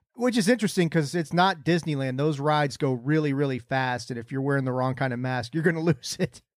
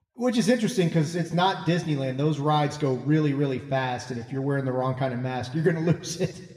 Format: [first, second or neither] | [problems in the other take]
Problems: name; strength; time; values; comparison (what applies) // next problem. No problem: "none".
first | room echo; slight; dies away in 1.2 s